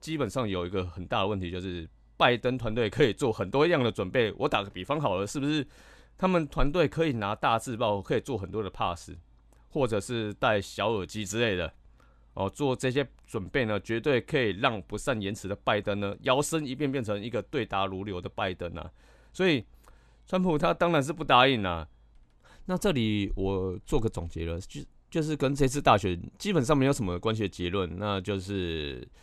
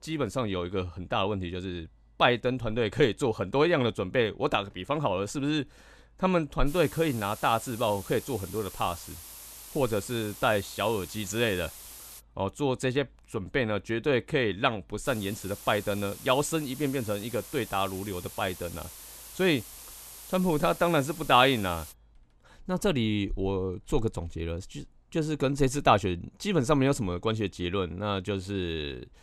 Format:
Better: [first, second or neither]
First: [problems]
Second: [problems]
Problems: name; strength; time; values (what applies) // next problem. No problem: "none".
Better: first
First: none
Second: hiss; noticeable; from 6.5 to 12 s and from 15 to 22 s; 15 dB below the speech